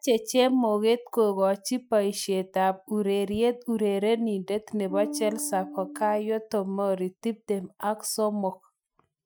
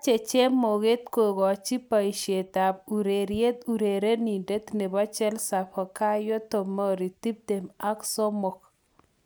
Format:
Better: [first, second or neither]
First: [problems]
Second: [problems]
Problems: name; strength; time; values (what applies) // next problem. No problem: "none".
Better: second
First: noise reduction (classical method Wiener filter)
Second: none